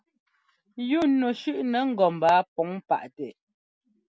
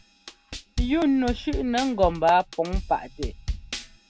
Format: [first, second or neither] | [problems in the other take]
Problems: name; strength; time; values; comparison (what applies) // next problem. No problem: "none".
first | background sound (Drum kit); 7 dB below the speech